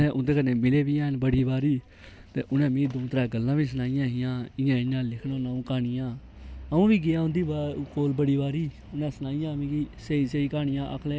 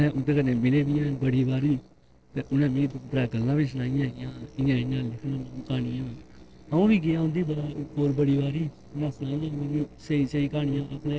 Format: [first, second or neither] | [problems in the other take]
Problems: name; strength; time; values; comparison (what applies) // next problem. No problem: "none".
first | noise reduction (neural separator model SepFormer DNS4)